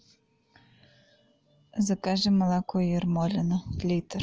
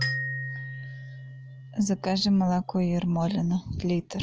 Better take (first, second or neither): first